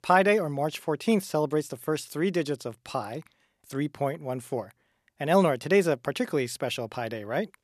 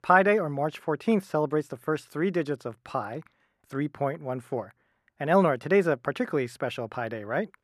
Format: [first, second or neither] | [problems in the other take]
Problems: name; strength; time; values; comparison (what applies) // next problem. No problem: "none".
first | muffled; slightly; fading above 3 kHz